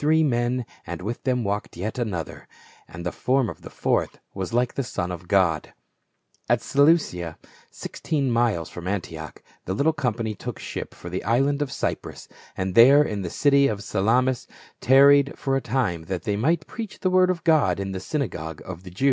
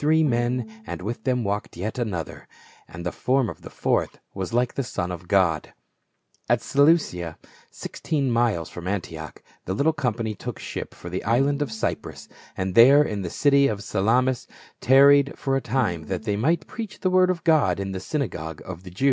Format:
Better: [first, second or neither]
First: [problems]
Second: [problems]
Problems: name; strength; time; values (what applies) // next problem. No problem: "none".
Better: first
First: none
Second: background sound (Bowed string instrument); 19 dB below the speech